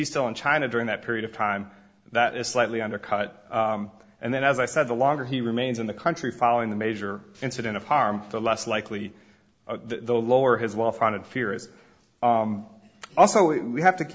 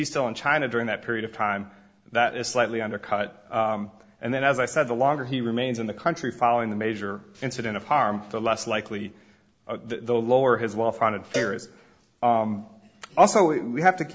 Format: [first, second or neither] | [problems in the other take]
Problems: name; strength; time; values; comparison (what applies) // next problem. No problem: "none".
first | background sound (Cowbell); 12 dB below the speech